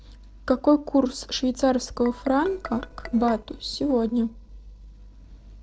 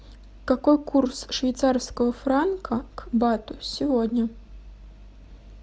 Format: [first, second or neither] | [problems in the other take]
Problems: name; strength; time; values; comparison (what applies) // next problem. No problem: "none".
second | noise reduction (neural separator model SepFormer DNS4)